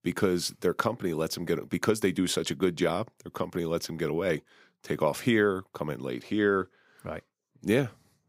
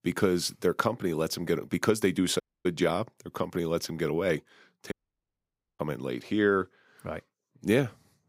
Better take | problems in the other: first | audio cutting out; at 2.5 s and at 5 s for 1 s

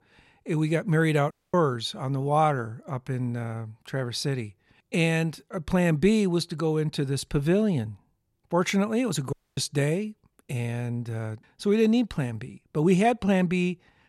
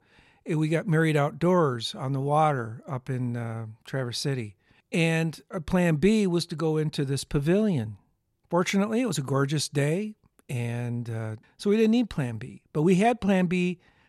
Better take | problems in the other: second | audio cutting out; at 1.5 s and at 9.5 s

